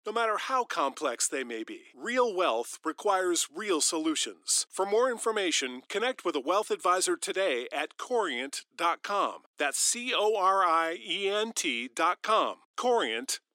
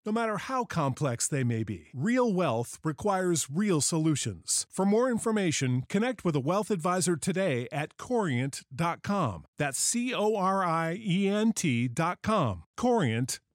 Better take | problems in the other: second | thin; very; fading below 300 Hz

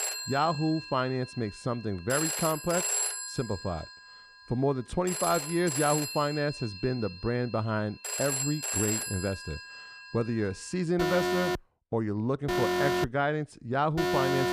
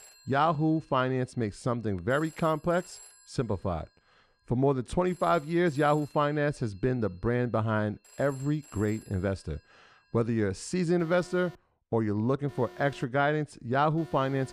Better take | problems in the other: second | alarms or sirens; loud; throughout; 1 dB below the speech; faint in the second

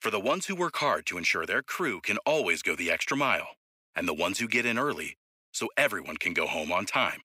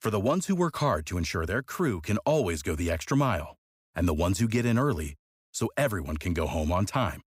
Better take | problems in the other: second | thin; somewhat; fading below 300 Hz

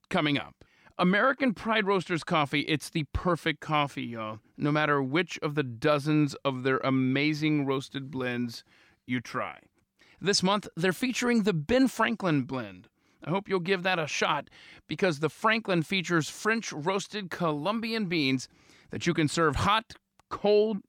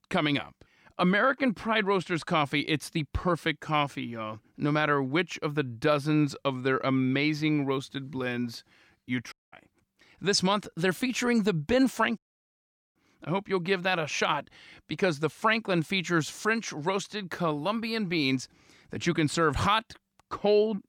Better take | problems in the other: first | audio cutting out; at 9.5 s and at 12 s for 1 s

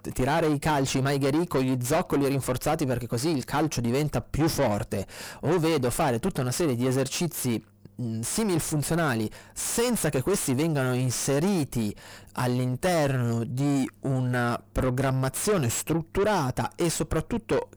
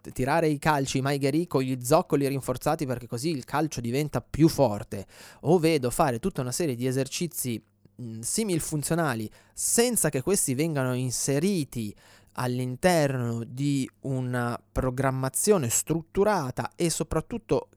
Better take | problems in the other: second | distortion; heavy; 5 dB below the speech

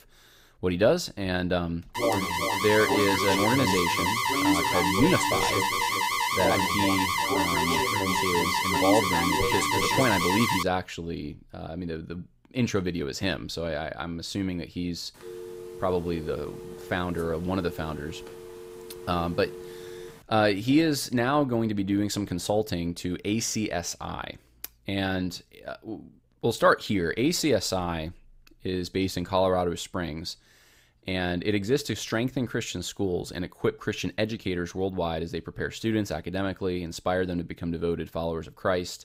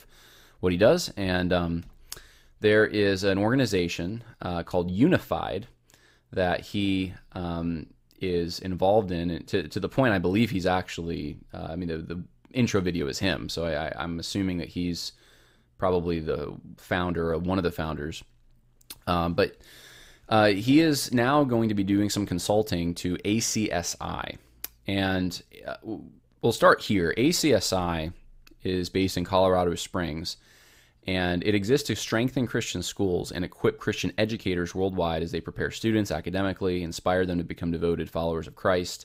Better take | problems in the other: second | alarm; loud; from 2 to 11 s; peak 5 dB above the speech // phone ringing; faint; from 15 to 20 s; peak 10 dB below the speech

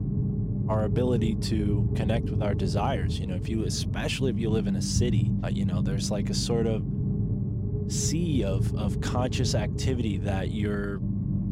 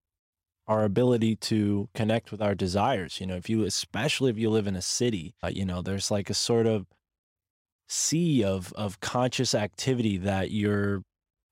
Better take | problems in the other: second | low rumble; loud; throughout; 6 dB below the speech

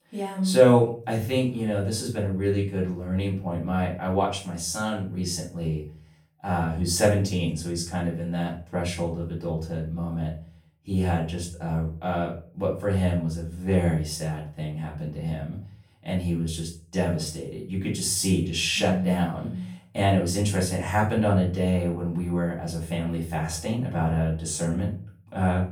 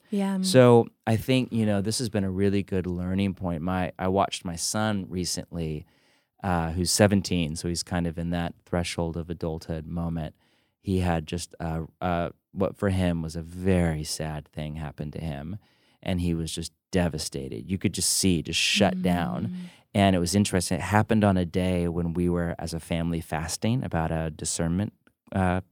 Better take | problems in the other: second | room echo; slight; dies away in 0.4 s // off-mic speech; far

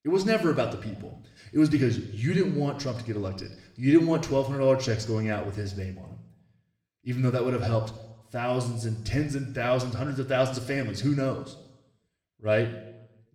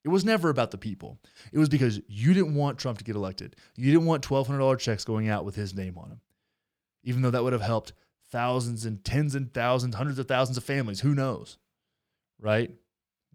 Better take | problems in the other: second | room echo; slight; dies away in 0.8 s // off-mic speech; somewhat distant

